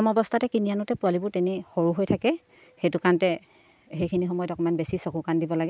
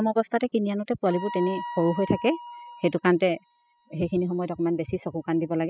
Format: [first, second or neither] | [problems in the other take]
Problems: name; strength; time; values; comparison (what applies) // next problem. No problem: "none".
first | noise reduction (classical method spectral subtraction)